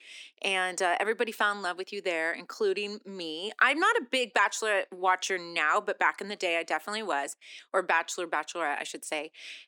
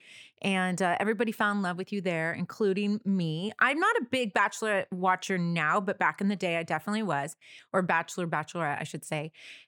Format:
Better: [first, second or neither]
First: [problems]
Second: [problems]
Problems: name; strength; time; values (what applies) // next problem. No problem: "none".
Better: second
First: thin; somewhat; fading below 250 Hz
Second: none